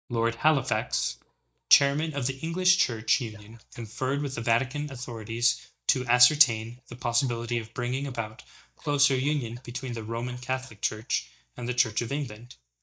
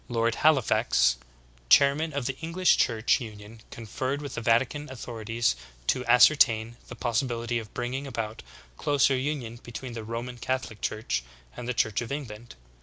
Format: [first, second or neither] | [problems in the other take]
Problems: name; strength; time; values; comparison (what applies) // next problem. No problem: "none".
second | noise reduction (neural mask model DeepFilterNet 3)